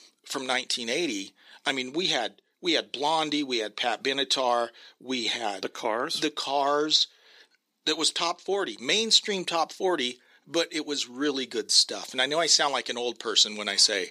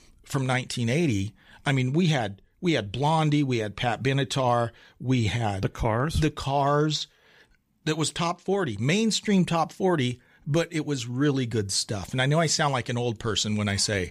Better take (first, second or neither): second